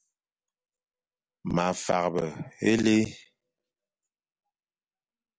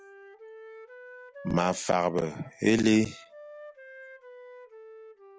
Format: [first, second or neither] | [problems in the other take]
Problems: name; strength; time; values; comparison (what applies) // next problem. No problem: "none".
first | background sound (Wind instrument, woodwind instrument); 18 dB below the speech